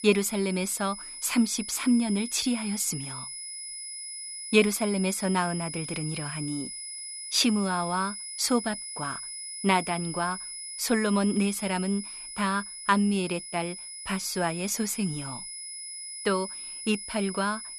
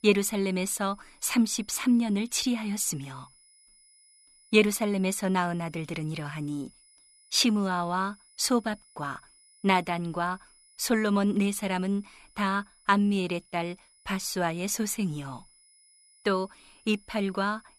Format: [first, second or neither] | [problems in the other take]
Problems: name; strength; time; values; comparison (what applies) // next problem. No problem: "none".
second | high-pitched whine; loud; throughout; 10.5 kHz, 8 dB below the speech; faint in the second